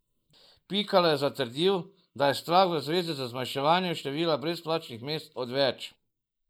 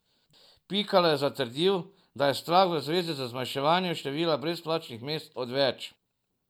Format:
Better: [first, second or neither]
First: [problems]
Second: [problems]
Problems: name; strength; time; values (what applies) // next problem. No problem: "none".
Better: second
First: noise reduction (neural mask model Resemble Enhance denoiser)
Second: none